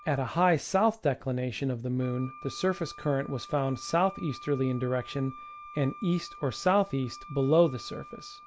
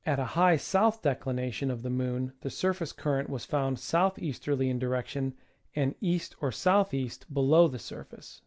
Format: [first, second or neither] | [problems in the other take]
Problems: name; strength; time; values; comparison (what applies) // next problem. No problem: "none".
second | background sound (Wind instrument, woodwind instrument); 19 dB below the speech